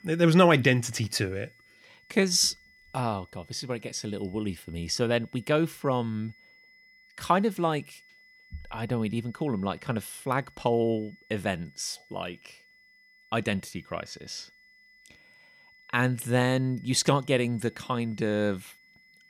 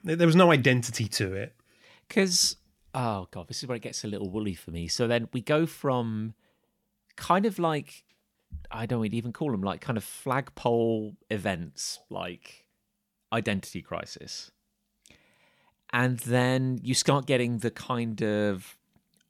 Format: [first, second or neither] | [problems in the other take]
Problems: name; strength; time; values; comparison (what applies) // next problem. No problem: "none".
second | high-pitched whine; faint; throughout; 2 kHz, 30 dB below the speech